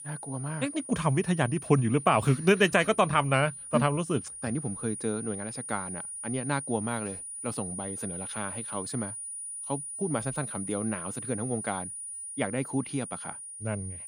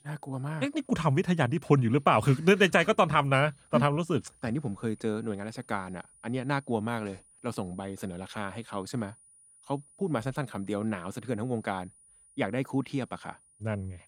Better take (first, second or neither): second